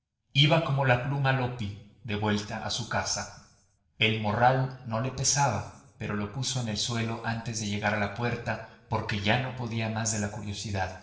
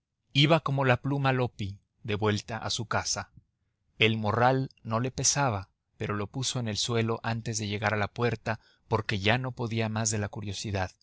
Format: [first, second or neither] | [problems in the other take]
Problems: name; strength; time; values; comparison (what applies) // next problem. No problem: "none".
second | room echo; dies away in 0.8 s